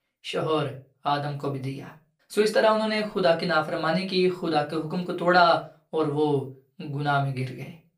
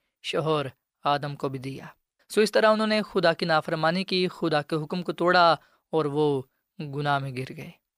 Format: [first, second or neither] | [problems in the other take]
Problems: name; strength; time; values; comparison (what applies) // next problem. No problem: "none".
second | off-mic speech; far // room echo; very slight; dies away in 0.2 s